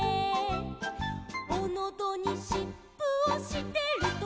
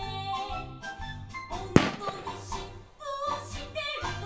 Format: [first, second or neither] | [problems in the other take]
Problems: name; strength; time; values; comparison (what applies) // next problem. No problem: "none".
first | background sound (Gunshot, gunfire); 4 dB above the speech // room echo; dies away in 0.3 s